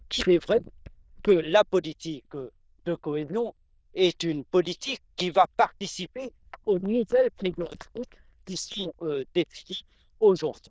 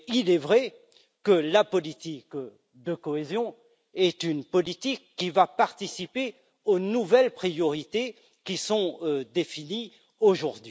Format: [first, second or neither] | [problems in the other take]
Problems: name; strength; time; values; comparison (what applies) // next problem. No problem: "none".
second | noise reduction (neural diffusion model UNIVERSE++)